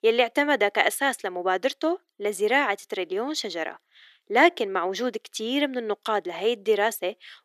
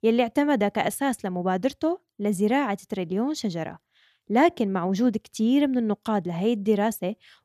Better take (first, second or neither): second